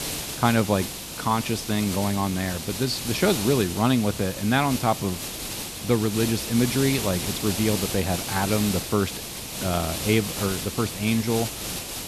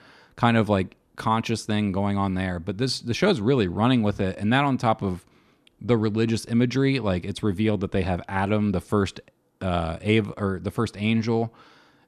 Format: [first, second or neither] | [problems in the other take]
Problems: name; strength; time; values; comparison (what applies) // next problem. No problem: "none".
second | hiss; loud; throughout; 5 dB below the speech